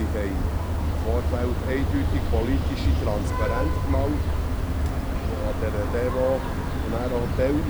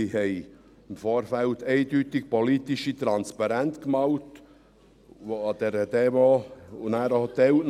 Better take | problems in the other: second | background sound (Vehicle horn, car horn, honking); 5 dB above the speech

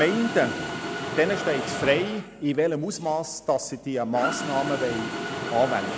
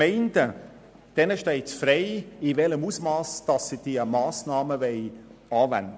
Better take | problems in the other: second | background sound (Mechanisms); 6 dB below the speech

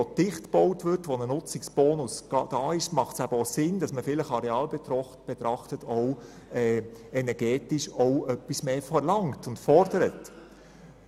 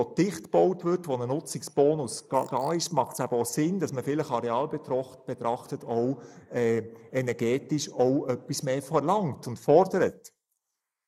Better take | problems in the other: first | noise reduction (neural mask model Resemble Enhance denoiser)

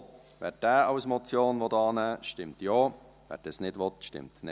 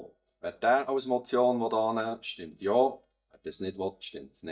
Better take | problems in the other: first | noise reduction (neural mask model DeepFilterNet 3)

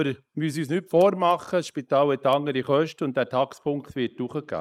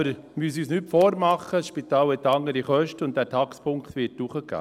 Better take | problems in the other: second | noise reduction (neural mask model Resemble Enhance denoiser)

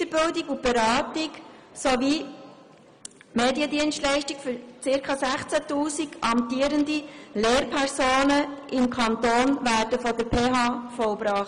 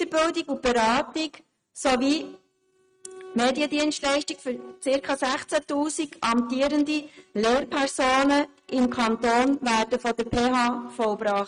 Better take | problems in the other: first | noise reduction (neural mask model RNNoise)

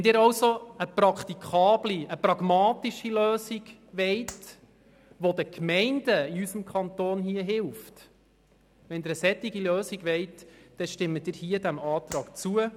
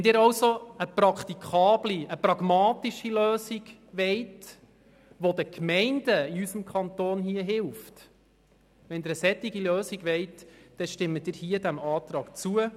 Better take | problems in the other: second | background sound (Clapping); 17 dB below the speech

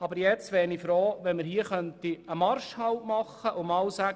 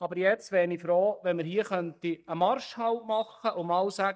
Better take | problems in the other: first | noise reduction (neural mask model DeepFilterNet 3)

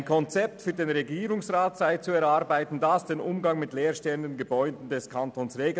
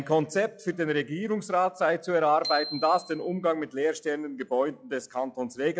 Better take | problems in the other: first | noise reduction (classical method log-MMSE)

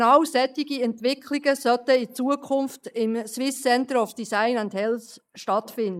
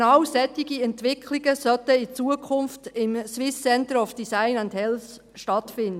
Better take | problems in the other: second | noise reduction (neural mask model Resemble Enhance denoiser)

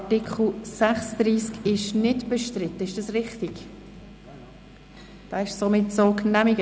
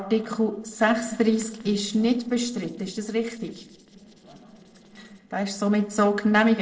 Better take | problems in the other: first | noise reduction (neural separator model SepFormer DNS4)

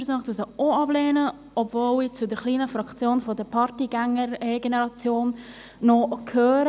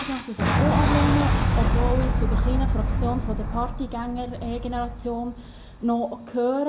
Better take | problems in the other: first | background sound (Boom); 4 dB above the speech // room echo; dies away in 0.4 s

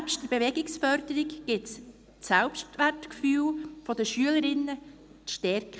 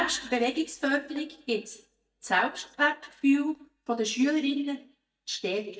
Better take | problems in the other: first | noise reduction (neural mask model DeepFilterNet 3)

